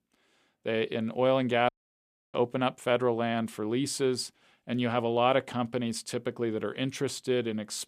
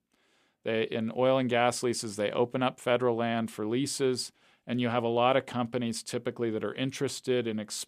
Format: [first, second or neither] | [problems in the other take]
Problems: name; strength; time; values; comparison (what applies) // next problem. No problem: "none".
second | audio cutting out; at 1.5 s for 0.5 s